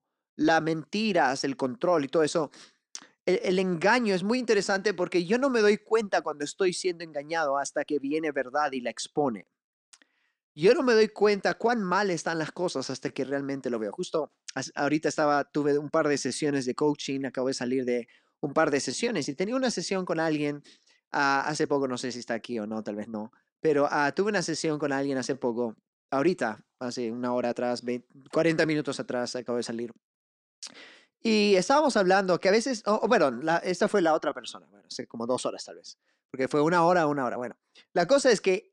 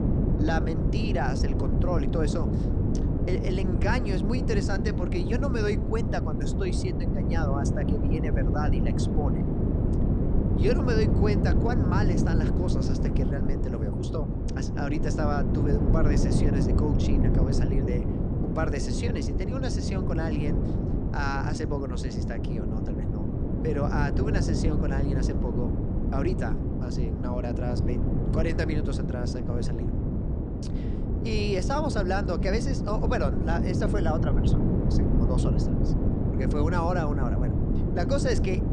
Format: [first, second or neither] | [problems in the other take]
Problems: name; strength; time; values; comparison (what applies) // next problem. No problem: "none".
first | wind noise on the microphone; heavy; 2 dB below the speech